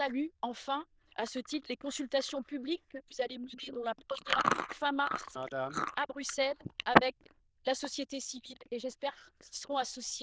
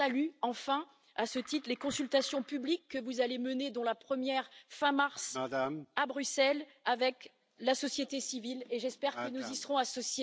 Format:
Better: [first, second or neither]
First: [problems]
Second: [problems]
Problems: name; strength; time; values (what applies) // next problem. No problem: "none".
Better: second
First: noise reduction (neural diffusion model UNIVERSE++)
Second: none